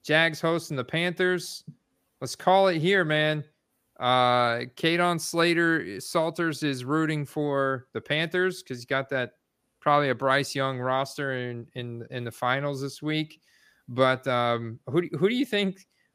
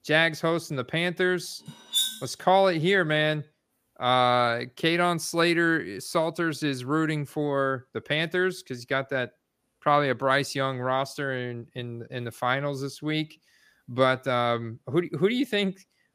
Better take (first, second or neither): first